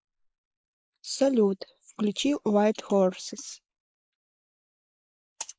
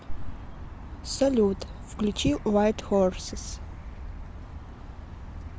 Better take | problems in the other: second | noise reduction (neural mask model Resemble Enhance denoiser)

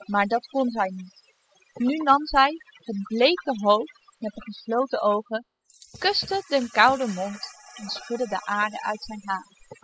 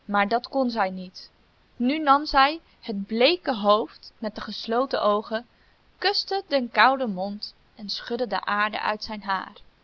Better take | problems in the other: second | noise reduction (classical method spectral subtraction)

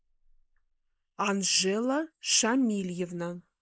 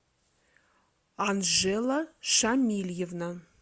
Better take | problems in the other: second | noise reduction (neural mask model Resemble Enhance denoiser)

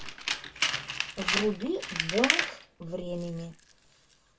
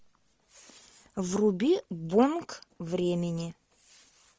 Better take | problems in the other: second | background sound (Tools); 1 dB above the speech // room echo; dies away in 0.1 s

